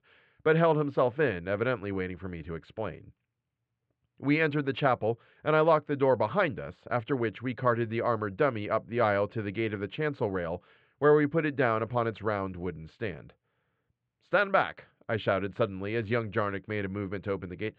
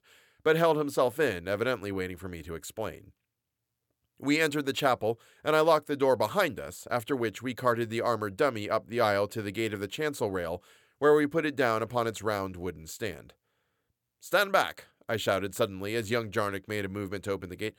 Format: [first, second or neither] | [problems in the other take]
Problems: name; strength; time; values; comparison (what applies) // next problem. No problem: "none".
second | muffled; very; fading above 3 kHz